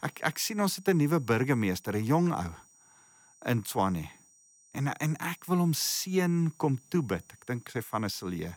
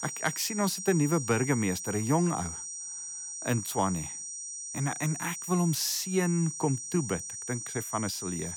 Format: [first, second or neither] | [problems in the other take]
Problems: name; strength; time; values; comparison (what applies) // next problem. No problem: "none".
first | high-pitched whine; loud; throughout; 6 kHz, 6 dB below the speech; faint in the first